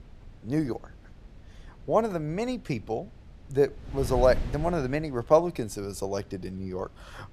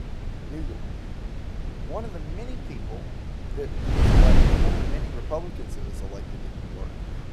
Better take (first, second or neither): first